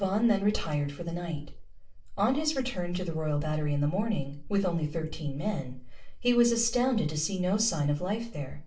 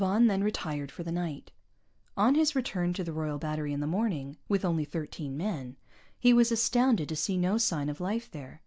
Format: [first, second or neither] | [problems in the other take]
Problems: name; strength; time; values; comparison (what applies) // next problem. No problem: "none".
second | room echo; dies away in 0.3 s